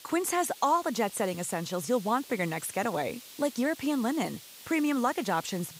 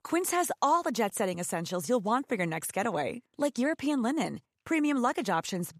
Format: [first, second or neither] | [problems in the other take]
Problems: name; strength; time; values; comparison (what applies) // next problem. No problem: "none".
second | hiss; noticeable; throughout; 15 dB below the speech